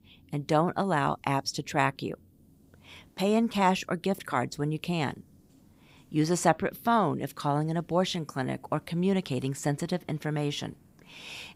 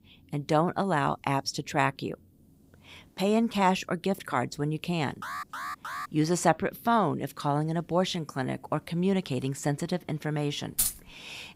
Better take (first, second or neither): first